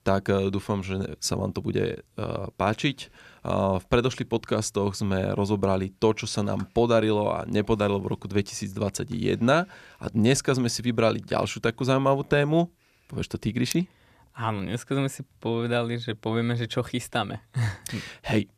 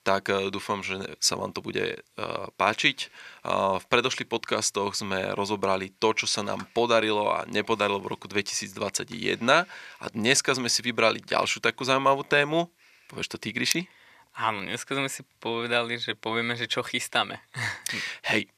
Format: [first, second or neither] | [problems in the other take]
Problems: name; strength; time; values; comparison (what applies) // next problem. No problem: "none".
first | thin; somewhat; fading below 550 Hz